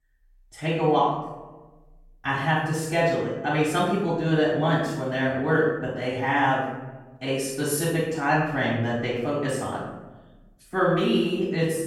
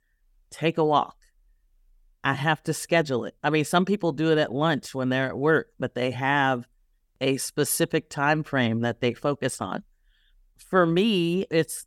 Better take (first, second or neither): second